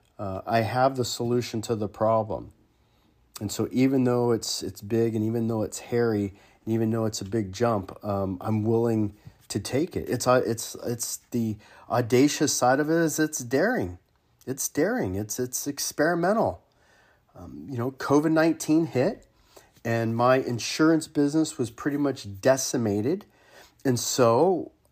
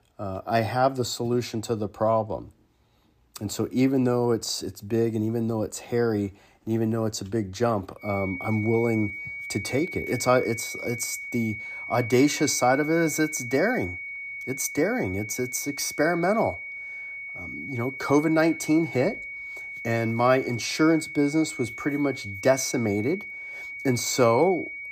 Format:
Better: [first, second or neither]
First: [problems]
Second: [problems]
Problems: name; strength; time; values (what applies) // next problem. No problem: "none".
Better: first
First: none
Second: high-pitched whine; loud; from 8 s on; 2 kHz, 9 dB below the speech